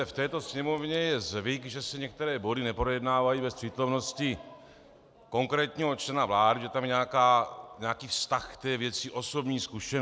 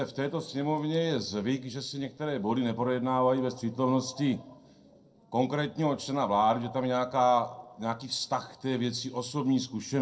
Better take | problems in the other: first | noise reduction (neural separator model SepFormer DNS4)

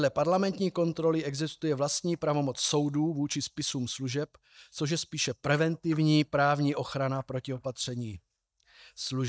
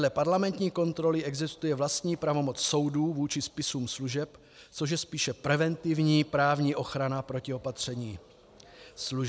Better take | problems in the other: second | noise reduction (neural mask model DeepFilterNet 3)

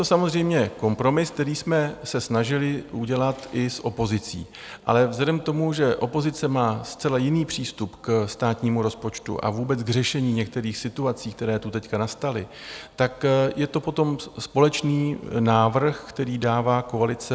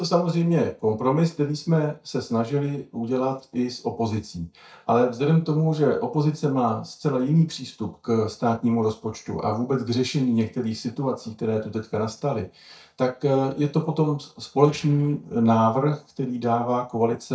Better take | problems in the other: first | noise reduction (neural mask model DeepFilterNet 3)

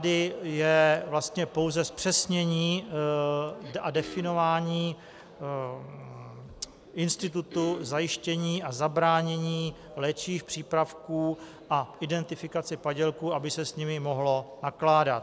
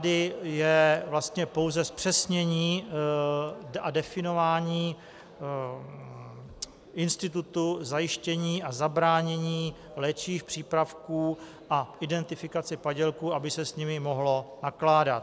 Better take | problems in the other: second | background sound (Cough); 16 dB below the speech

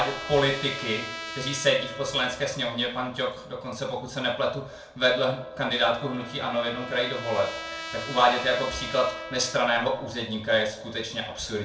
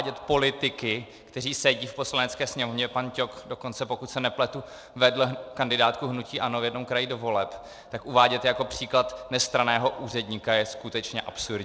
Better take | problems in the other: second | background sound (Trumpet); 13 dB below the speech // room echo; dies away in 0.4 s

